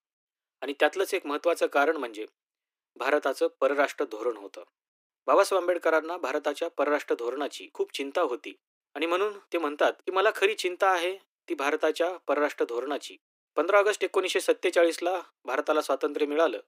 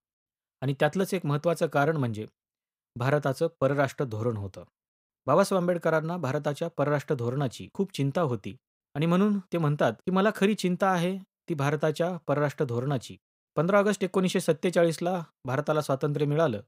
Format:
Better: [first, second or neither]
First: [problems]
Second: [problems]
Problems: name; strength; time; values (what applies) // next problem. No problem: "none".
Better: second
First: thin; somewhat; fading below 300 Hz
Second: none